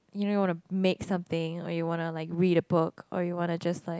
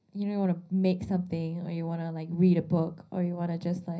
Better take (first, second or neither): first